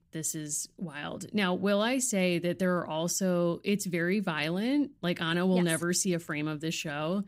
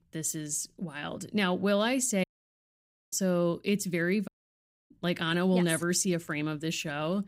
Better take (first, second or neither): first